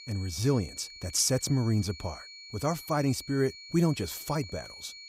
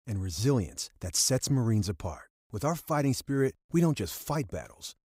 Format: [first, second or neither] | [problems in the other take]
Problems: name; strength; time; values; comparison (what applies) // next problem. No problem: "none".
second | high-pitched whine; noticeable; throughout; 4.5 kHz, 15 dB below the speech